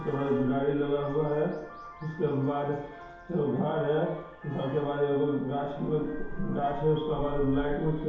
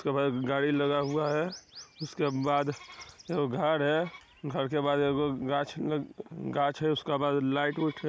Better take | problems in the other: second | background sound (Vehicle horn, car horn, honking); 11 dB below the speech // room echo; dies away in 1 s

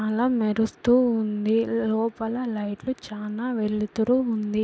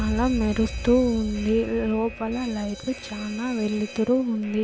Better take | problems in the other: first | background sound (Alarm); 10 dB below the speech

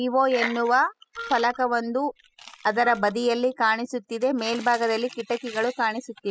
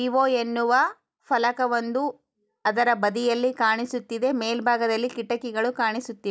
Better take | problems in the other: second | noise reduction (classical method spectral subtraction)

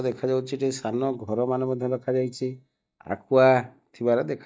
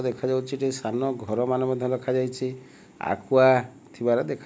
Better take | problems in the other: second | noise reduction (neural mask model DeepFilterNet 3)

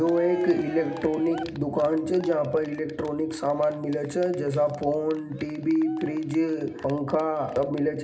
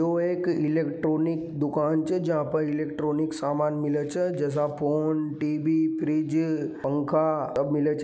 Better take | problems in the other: second | background sound (Cheering); 19 dB below the speech // room echo; dies away in 0.4 s

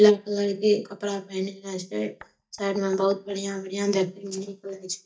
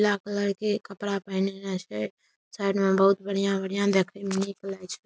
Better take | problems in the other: second | noise reduction (neural mask model DeepFilterNet 3)

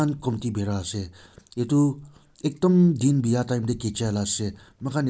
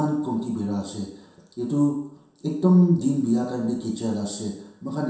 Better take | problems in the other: first | room echo; dies away in 0.7 s

